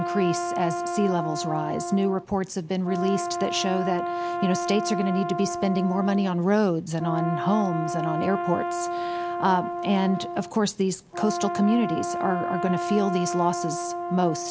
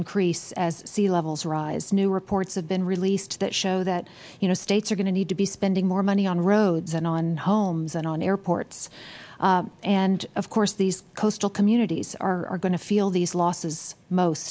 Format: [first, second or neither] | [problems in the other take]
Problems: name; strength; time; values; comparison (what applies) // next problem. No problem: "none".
second | background sound (Brass instrument); 4 dB below the speech